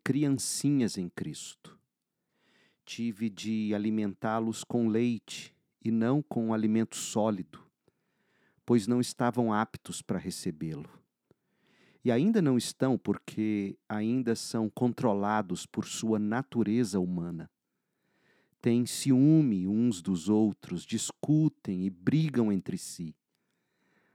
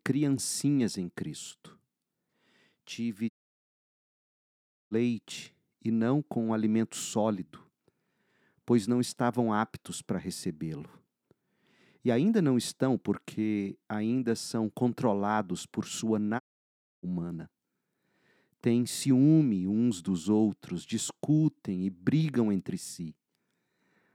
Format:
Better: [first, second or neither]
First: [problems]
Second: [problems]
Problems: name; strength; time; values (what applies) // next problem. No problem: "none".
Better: first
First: none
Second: audio cutting out; at 3.5 s for 1.5 s and at 16 s for 0.5 s